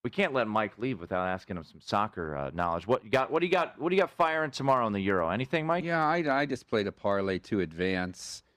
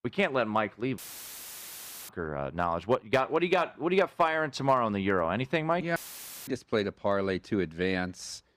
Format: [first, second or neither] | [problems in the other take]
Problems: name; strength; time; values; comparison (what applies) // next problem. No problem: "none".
first | audio cutting out; filled with static; at 1 s for 1 s and at 6 s for 0.5 s